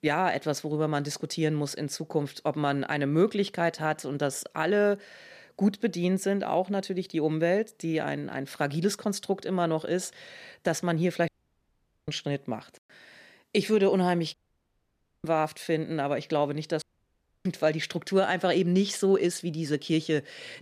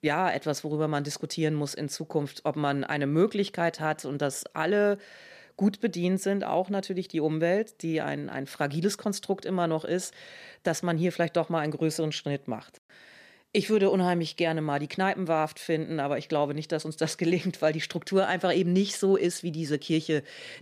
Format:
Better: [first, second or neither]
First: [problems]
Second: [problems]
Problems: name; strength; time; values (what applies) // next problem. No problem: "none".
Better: second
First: audio cutting out; at 11 s for 1 s, at 14 s for 1 s and at 17 s for 0.5 s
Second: none